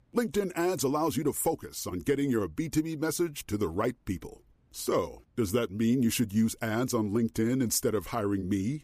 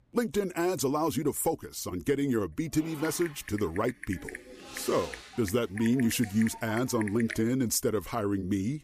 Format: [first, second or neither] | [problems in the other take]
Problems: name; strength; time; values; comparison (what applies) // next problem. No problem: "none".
first | keyboard typing; noticeable; from 2.5 to 7.5 s; peak 9 dB below the speech